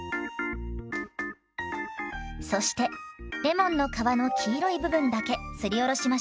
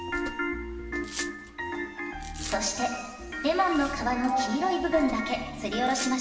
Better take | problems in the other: first | background sound (Domestic sounds, home sounds); 16 dB below the speech // room echo; dies away in 2.4 s

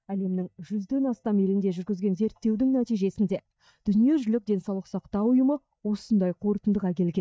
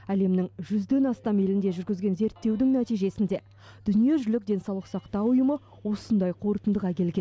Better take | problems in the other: second | noise reduction (neural mask model DeepFilterNet 3)

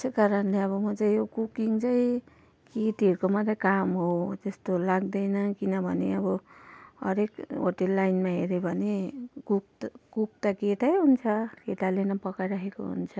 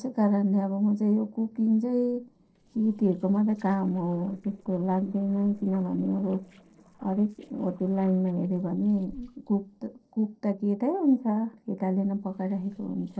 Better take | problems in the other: first | noise reduction (neural separator model SepFormer DNS4)

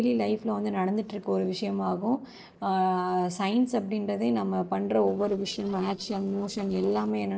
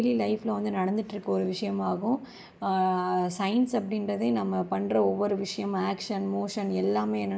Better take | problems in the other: second | noise reduction (neural separator model SepFormer DNS4)

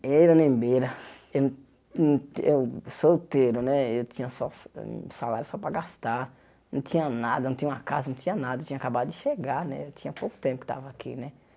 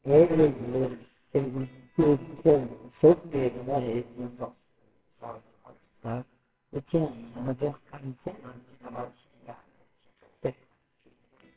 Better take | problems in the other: first | noise reduction (neural separator model SepFormer WHAMR!)

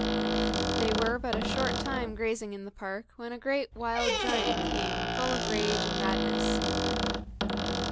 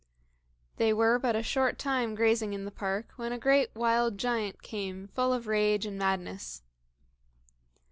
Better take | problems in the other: second | background sound (Squeak); 4 dB above the speech

